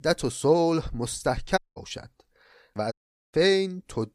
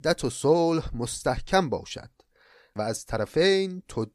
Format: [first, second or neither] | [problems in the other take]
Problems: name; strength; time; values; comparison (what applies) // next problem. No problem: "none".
second | audio cutting out; at 1.5 s and at 3 s